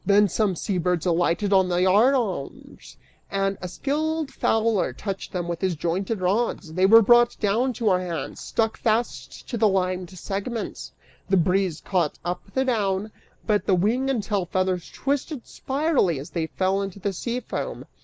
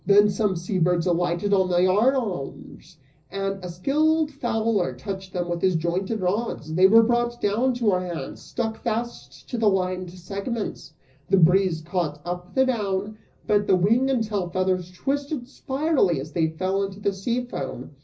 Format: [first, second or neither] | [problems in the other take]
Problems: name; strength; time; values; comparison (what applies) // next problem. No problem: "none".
first | room echo; dies away in 0.4 s